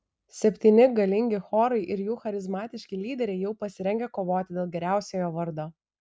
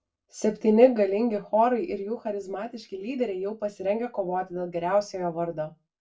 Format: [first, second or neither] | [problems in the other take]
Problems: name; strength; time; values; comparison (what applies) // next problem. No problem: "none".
first | room echo; dies away in 0.2 s